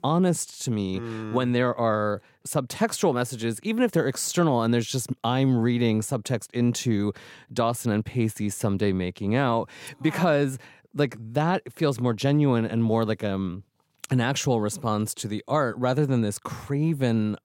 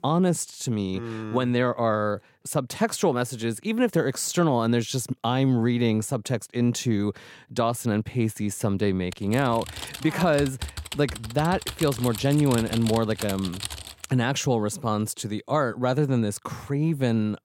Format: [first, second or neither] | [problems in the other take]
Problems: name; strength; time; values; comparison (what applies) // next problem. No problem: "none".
first | keyboard typing; noticeable; from 9 to 14 s; peak 8 dB below the speech